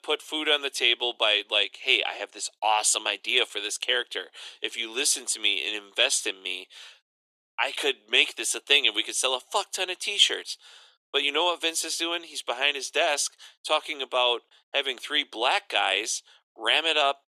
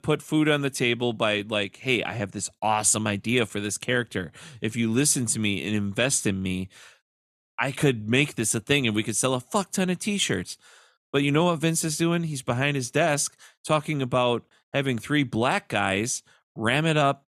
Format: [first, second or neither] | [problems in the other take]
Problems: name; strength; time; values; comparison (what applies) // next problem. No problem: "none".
second | thin; very; fading below 350 Hz